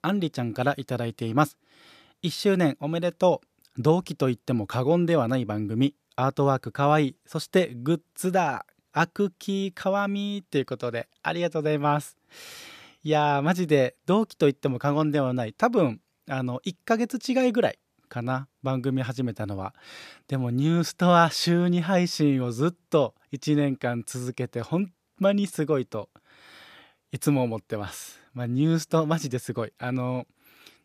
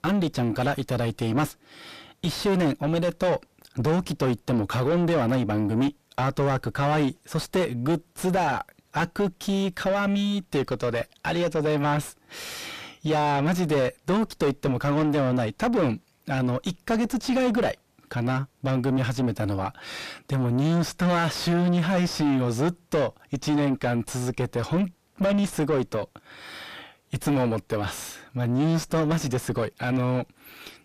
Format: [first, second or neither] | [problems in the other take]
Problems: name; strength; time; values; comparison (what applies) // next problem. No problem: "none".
first | distortion; heavy; 4 dB below the speech